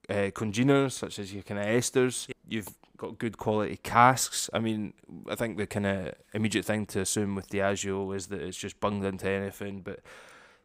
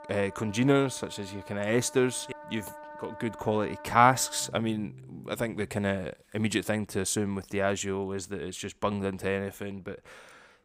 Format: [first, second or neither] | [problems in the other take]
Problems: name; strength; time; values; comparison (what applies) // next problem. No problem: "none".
first | background music; noticeable; until 5.5 s; 15 dB below the speech